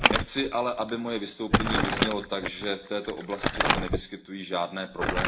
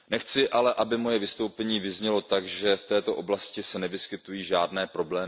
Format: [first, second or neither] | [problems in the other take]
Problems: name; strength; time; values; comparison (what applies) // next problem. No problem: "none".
second | background sound (Crumpling, crinkling); 2 dB above the speech // room echo; dies away in 0.4 s